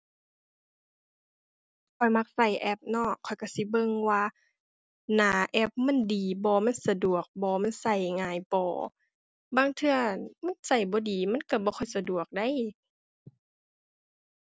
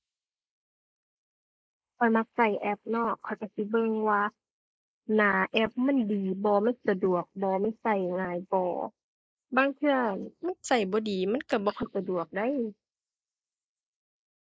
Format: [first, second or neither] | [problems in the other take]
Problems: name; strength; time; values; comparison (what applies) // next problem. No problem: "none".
first | noise reduction (neural mask model Resemble Enhance denoiser)